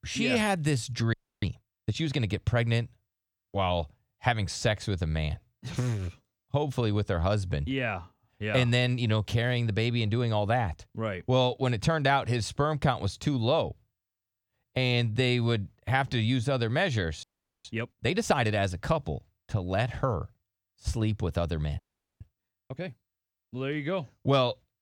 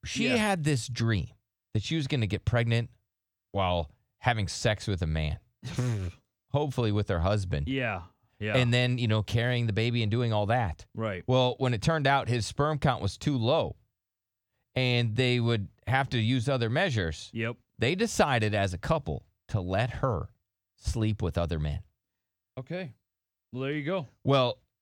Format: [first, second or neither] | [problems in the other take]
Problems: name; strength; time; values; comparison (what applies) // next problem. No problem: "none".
second | audio freezing; at 1 s, at 17 s and at 22 s